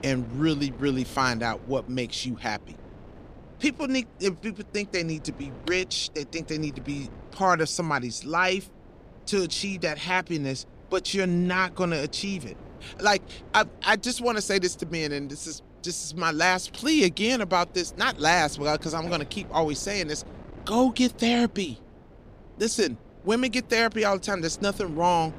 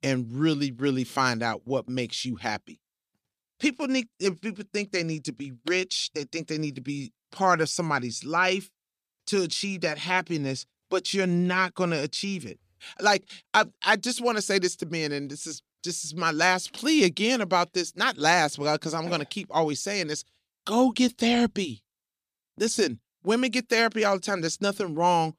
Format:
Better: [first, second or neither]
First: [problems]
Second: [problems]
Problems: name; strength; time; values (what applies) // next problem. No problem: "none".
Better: second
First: wind noise on the microphone; occasional gusts; 25 dB below the speech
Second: none